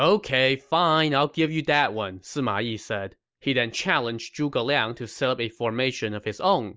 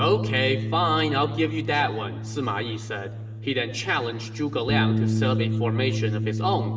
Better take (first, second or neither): first